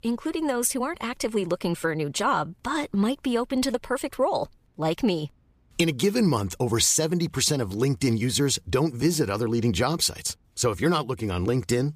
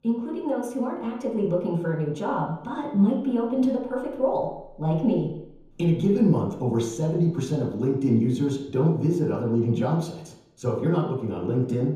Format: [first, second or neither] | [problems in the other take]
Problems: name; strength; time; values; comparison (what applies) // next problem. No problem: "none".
first | room echo; noticeable; dies away in 3 s // off-mic speech; far